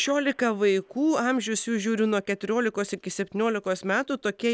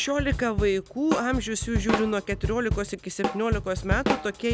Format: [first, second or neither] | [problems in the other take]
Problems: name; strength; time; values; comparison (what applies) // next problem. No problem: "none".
first | background sound (Drum kit); 3 dB below the speech